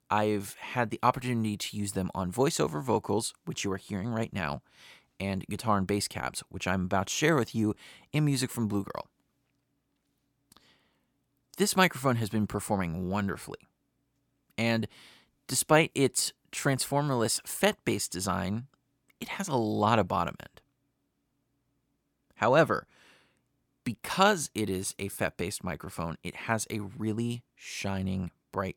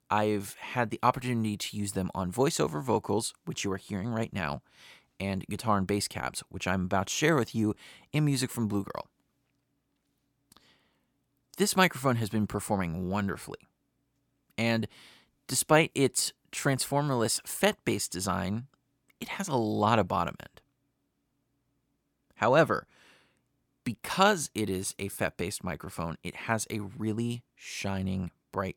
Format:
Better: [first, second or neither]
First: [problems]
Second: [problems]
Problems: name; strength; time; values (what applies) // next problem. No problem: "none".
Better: neither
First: none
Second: none